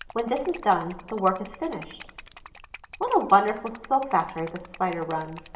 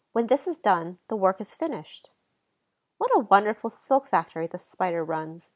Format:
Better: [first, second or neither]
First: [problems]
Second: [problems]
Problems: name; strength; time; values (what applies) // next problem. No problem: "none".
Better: second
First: background sound (Liquid); 18 dB below the speech // room echo; dies away in 0.8 s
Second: none